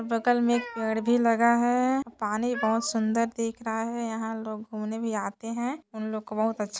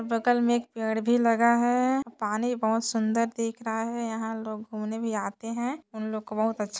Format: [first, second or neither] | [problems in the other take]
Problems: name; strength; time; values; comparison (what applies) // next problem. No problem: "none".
second | background sound (Cat); 17 dB below the speech